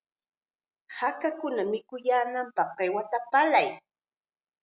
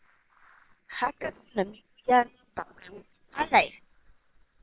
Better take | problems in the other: first | noise reduction (neural separator model SepFormer WHAM!)

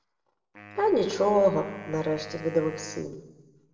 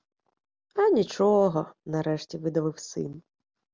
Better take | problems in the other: second | background sound (Wind instrument, woodwind instrument); 17 dB below the speech // room echo; dies away in 0.7 s

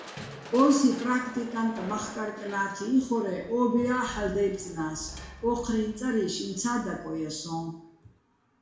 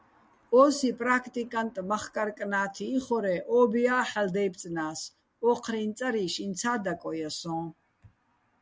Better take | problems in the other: second | background sound (Crushing); 17 dB below the speech // room echo; dies away in 0.6 s

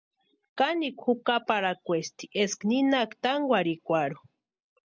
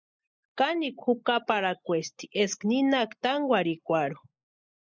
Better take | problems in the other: first | noise reduction (neural mask model Resemble Enhance denoiser)

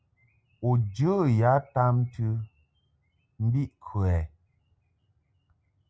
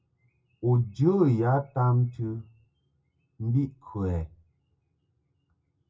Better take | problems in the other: first | room echo; dies away in 0.2 s

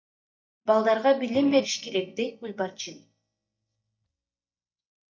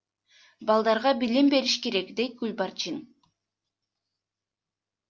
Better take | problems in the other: second | noise reduction (neural mask model DeepFilterNet 3)

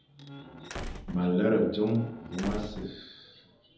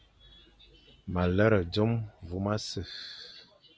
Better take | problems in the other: second | background sound (Slam); 11 dB below the speech // room echo; dies away in 0.9 s

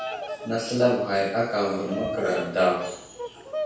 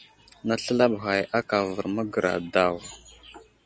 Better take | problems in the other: second | background sound (Bird vocalization, bird call, bird song); 9 dB below the speech // room echo; dies away in 0.7 s

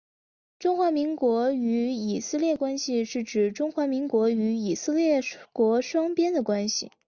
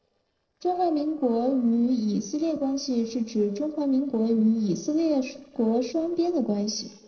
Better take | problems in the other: first | noise reduction (neural separator model SepFormer DNS4)

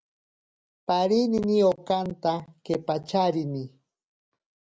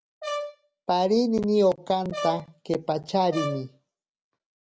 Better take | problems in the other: first | background sound (Brass instrument); 10 dB below the speech

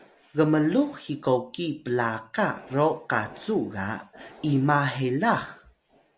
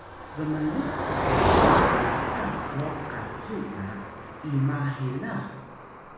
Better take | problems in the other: first | background sound (Motor vehicle (road)); 4 dB above the speech // room echo; dies away in 1 s

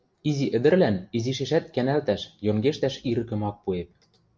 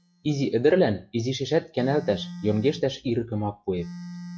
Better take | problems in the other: first | noise reduction (classical method log-MMSE)

